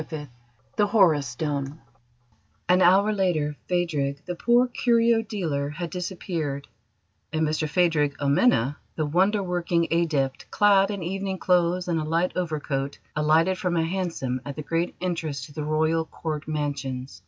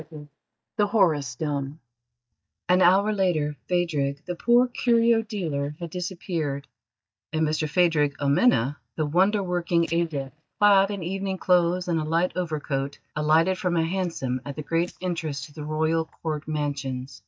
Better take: first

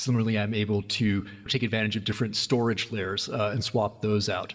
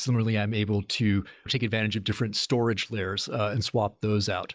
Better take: second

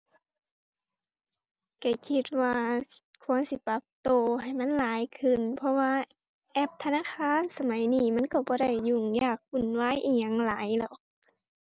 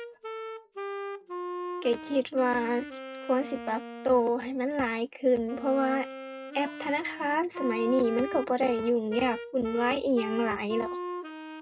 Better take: first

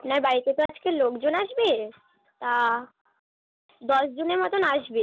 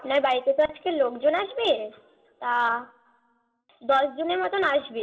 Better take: first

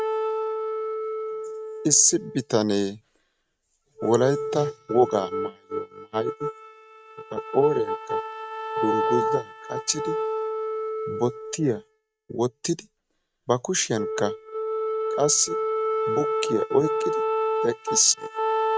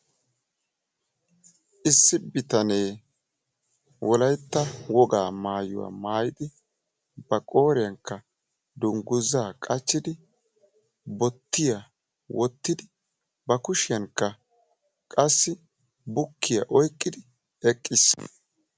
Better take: second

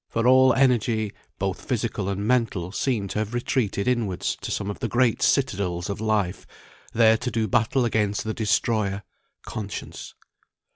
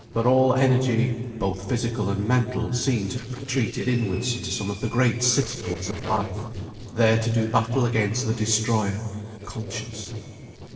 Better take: first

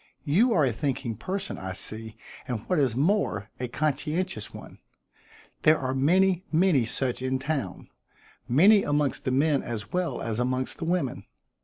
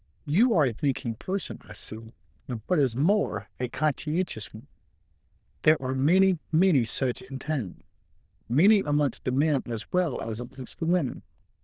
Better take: first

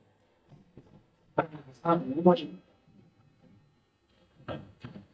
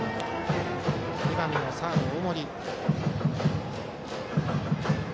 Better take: second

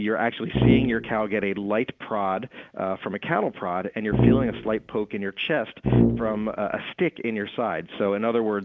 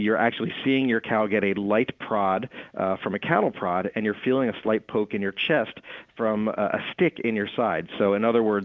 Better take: second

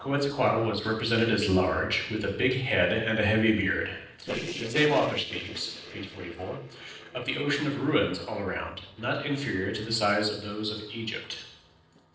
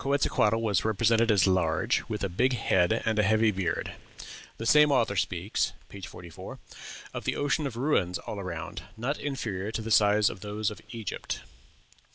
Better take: second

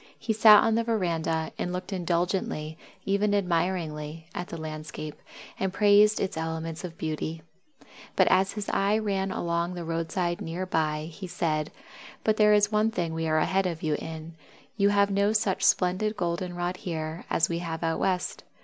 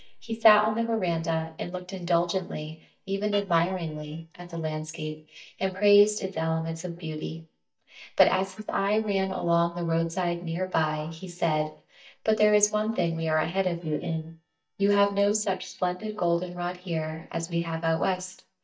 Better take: first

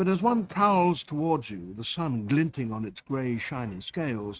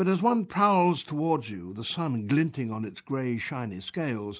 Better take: second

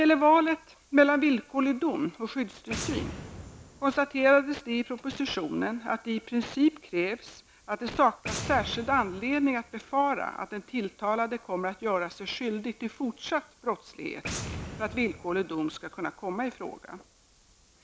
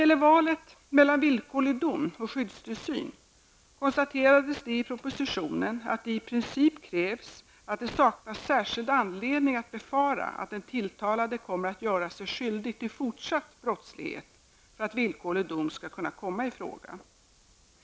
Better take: second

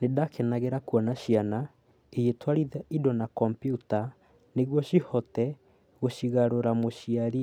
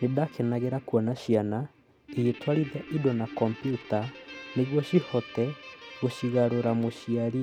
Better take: first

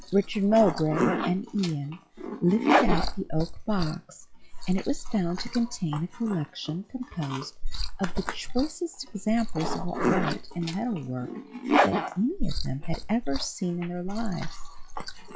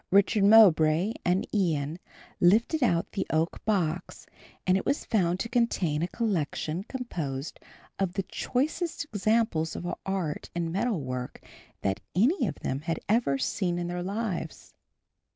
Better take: second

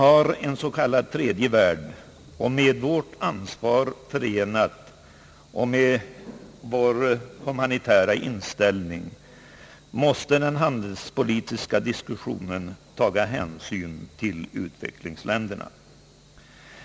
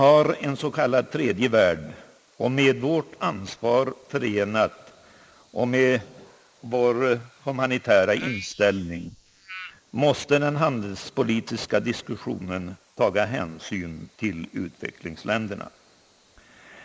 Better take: first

